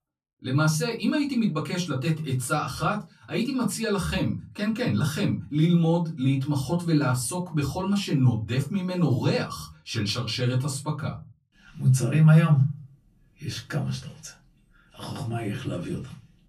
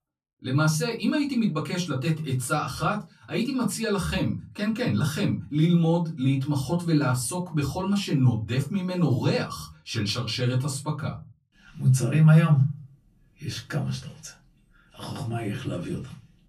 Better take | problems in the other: neither | off-mic speech; far; the same in both // room echo; very slight; dies away in 0.3 s; the same in both

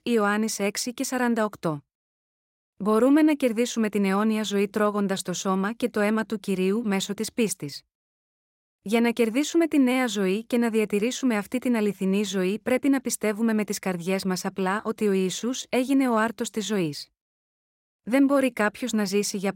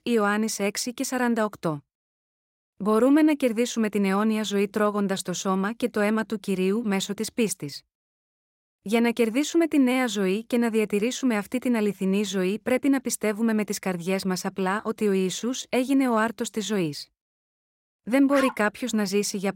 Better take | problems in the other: first | dog barking; noticeable; at 18 s; peak 7 dB below the speech

